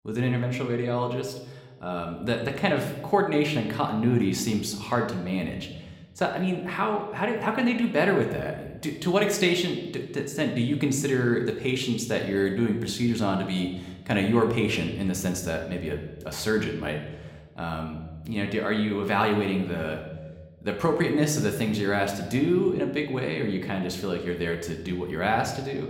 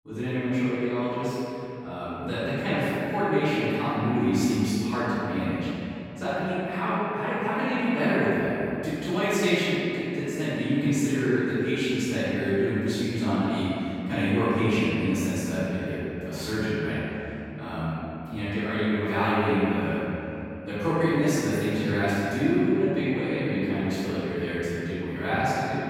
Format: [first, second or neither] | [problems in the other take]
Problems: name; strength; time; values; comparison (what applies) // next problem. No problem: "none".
first | room echo; strong; dies away in 3 s; slight in the first // off-mic speech; far